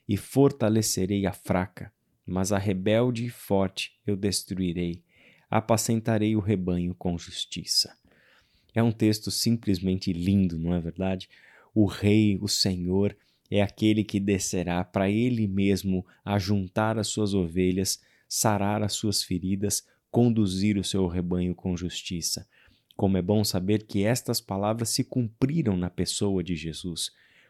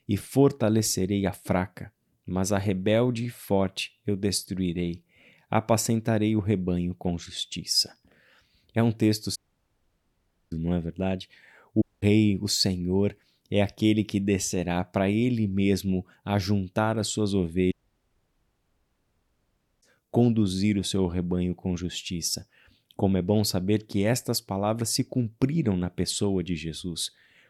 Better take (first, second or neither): first